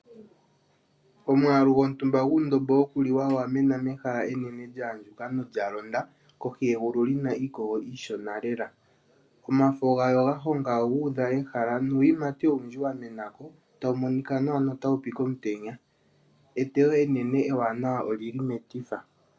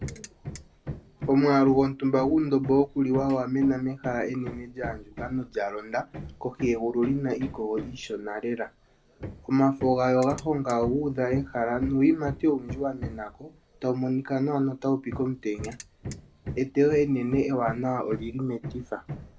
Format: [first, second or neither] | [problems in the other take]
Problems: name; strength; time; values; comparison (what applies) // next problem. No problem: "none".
first | background sound (Hammer + Ratchet, pawl); 14 dB below the speech